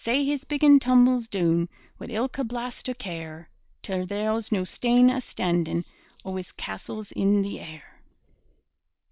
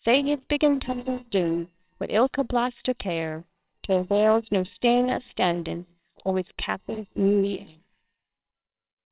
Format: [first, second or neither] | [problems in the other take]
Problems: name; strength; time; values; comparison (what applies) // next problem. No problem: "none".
first | noise reduction (neural separator model SepFormer WHAMR!)